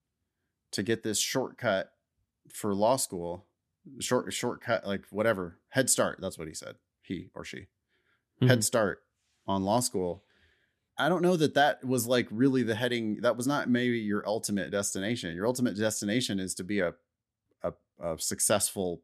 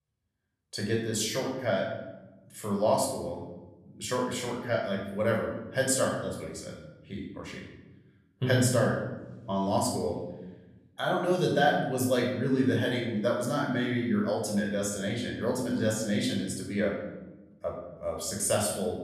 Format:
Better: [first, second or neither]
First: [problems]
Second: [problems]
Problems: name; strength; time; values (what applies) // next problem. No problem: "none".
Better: first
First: none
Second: off-mic speech; somewhat distant // room echo; noticeable; dies away in 1.1 s